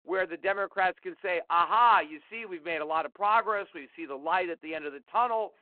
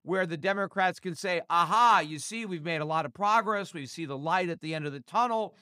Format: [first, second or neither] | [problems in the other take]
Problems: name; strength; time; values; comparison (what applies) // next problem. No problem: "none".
second | phone-call audio